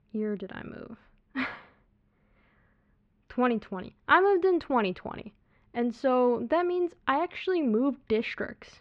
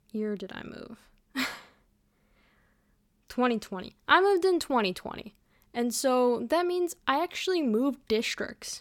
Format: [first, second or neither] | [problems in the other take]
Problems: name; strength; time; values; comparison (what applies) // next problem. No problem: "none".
second | muffled; very; fading above 2.5 kHz